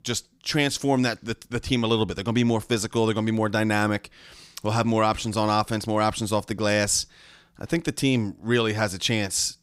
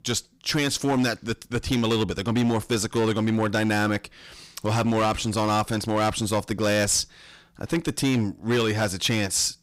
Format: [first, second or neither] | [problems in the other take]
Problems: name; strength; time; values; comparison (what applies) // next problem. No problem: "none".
first | distortion; slight; 10% of the sound clipped